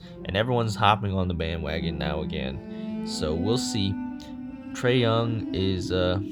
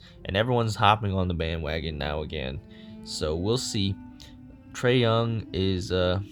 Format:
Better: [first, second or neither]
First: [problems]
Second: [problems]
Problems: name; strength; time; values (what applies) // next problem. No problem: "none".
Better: second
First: background music; loud; throughout; 8 dB below the speech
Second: background music; faint; throughout; 20 dB below the speech